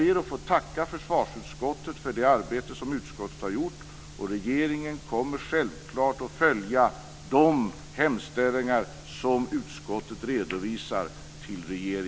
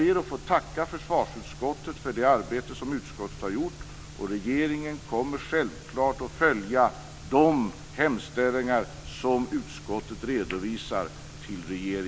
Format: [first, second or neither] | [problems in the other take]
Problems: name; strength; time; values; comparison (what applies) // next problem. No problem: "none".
first | background sound (Motor vehicle (road)); 20 dB below the speech